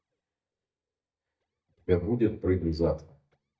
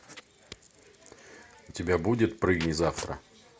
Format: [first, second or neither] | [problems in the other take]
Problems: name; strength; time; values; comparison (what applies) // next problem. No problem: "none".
second | noise reduction (neural mask model DeepFilterNet 3)